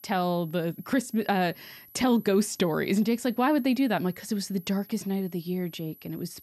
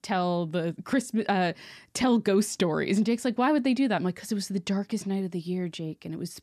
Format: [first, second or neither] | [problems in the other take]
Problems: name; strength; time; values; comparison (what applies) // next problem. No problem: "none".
second | high-pitched whine; faint; throughout; 11.5 kHz, 20 dB below the speech